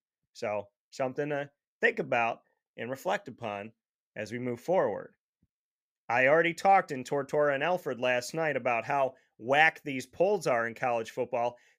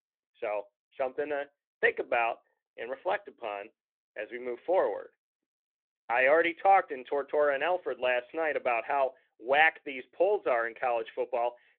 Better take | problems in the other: first | phone-call audio

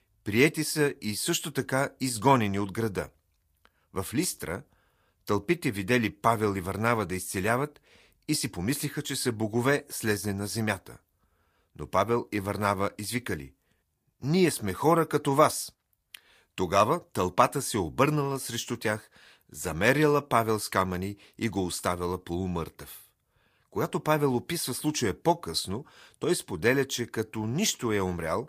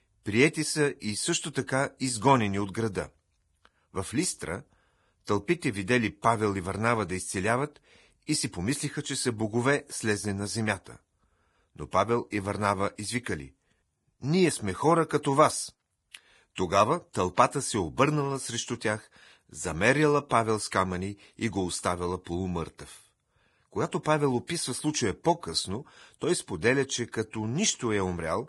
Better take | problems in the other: first | garbled, watery; badly; nothing above 10.5 kHz; slightly in the first

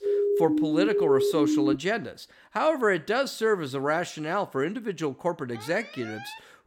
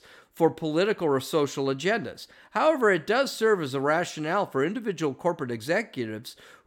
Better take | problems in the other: second | siren; loud; until 2 s; peak 3 dB above the speech // alarm; faint; at 5.5 s; peak 10 dB below the speech

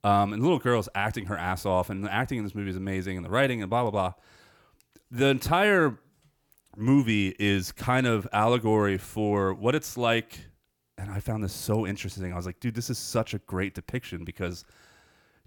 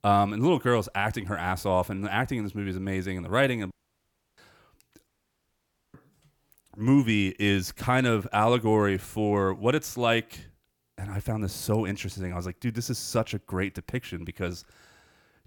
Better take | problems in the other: first | audio cutting out; at 3.5 s for 0.5 s and at 5 s for 1 s

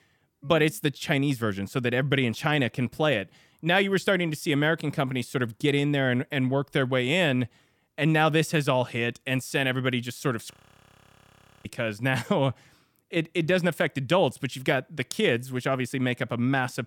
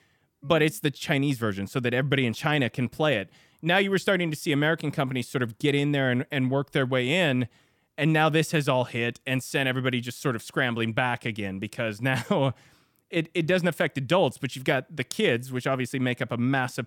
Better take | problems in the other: second | audio freezing; at 11 s for 1 s

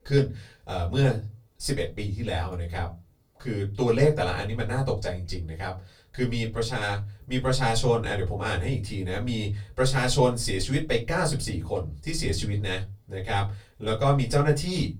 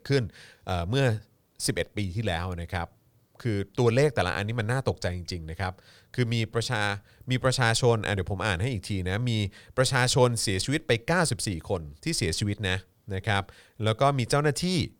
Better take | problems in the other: second | off-mic speech; far // room echo; very slight; dies away in 0.2 s

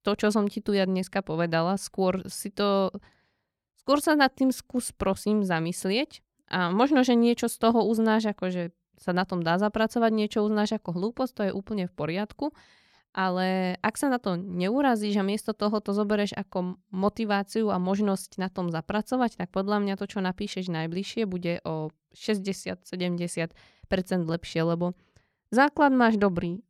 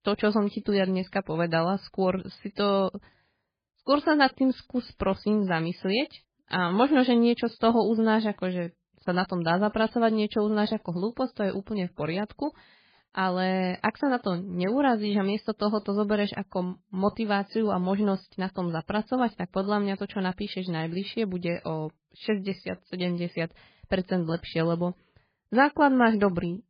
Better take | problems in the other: first | garbled, watery; badly; nothing above 4.5 kHz

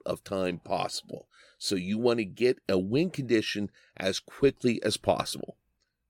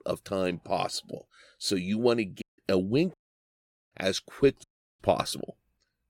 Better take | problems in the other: first | audio cutting out; at 2.5 s, at 3 s for 1 s and at 4.5 s

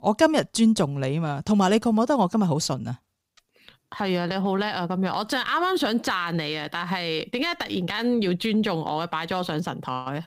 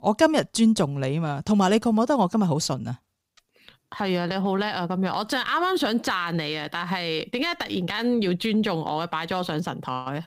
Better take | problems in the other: neither | none

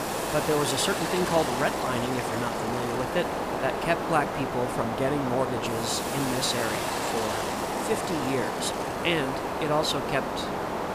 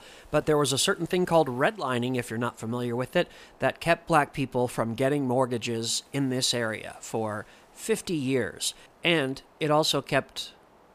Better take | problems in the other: second | hiss; loud; throughout; as loud as the speech; faint in the second

